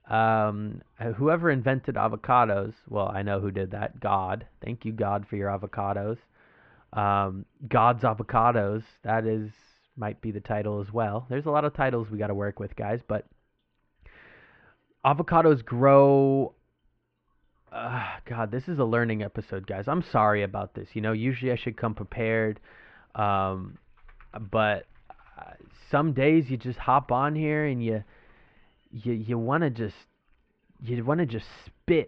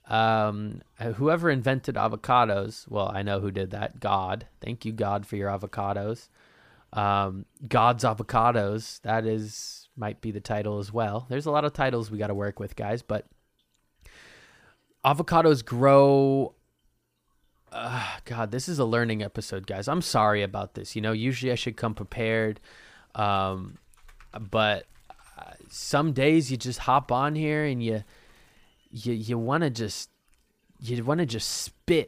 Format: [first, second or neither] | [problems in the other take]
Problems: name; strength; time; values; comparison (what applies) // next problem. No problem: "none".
second | muffled; very; fading above 2.5 kHz